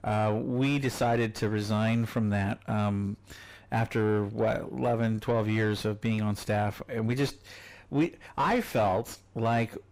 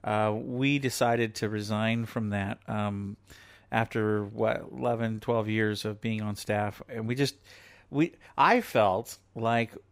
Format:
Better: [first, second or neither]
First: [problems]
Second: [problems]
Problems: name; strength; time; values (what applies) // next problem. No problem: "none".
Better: second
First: distortion; heavy; 6 dB below the speech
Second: none